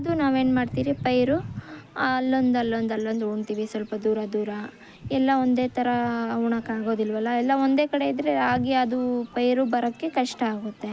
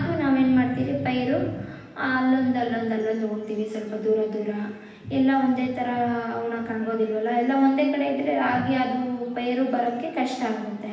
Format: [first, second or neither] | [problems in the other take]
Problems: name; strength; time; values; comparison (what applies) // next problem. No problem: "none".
first | room echo; dies away in 0.9 s